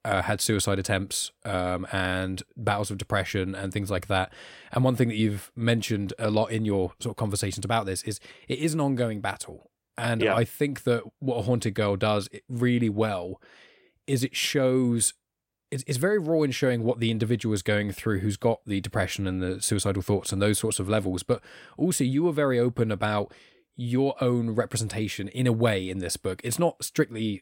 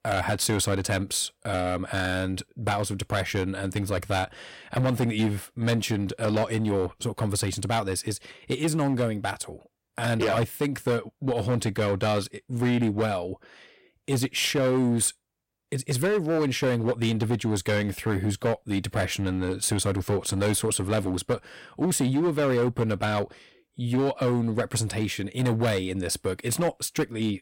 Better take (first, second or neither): first